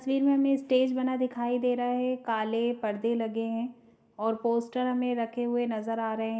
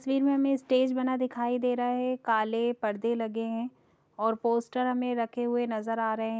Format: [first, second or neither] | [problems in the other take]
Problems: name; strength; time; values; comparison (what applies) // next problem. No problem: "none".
second | room echo; dies away in 1.6 s